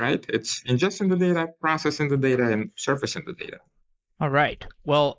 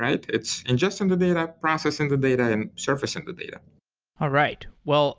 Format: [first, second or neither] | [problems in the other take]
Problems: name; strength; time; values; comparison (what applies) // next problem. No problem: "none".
second | noise reduction (neural mask model Resemble Enhance denoiser)